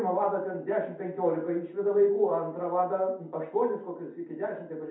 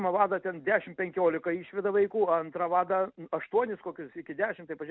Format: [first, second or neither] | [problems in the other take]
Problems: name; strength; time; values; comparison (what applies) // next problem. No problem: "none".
second | room echo; dies away in 0.6 s